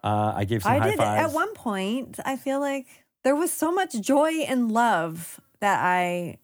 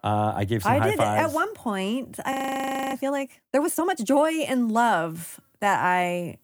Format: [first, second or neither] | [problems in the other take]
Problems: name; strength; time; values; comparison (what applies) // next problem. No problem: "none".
first | audio freezing; at 2.5 s for 0.5 s